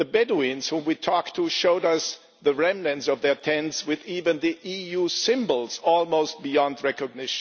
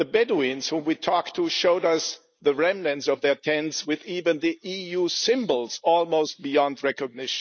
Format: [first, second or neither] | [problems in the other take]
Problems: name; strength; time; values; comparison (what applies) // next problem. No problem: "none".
first | noise reduction (neural mask model Resemble Enhance denoiser)